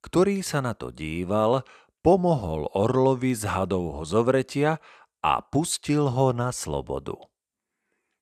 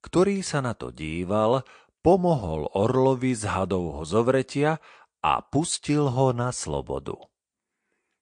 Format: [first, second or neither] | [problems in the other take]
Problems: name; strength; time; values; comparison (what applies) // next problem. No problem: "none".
first | garbled, watery; slightly; nothing above 9.5 kHz